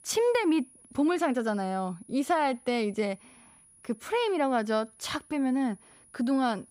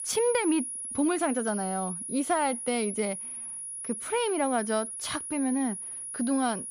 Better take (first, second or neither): first